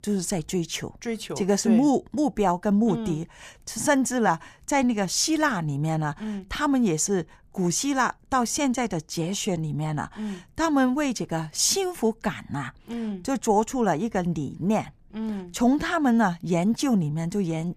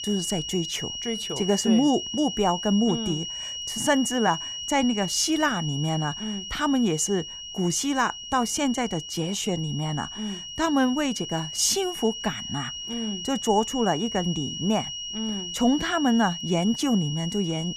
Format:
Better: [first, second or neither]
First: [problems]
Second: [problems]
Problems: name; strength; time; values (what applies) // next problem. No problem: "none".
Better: first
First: none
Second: high-pitched whine; loud; throughout; 3 kHz, 7 dB below the speech